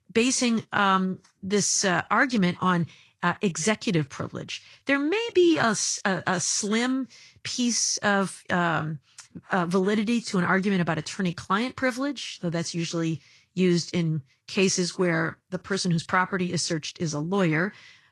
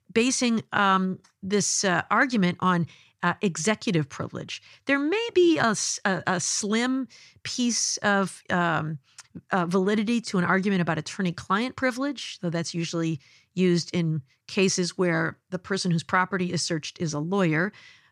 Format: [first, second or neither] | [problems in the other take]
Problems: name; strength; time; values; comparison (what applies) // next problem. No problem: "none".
second | garbled, watery; slightly; nothing above 10 kHz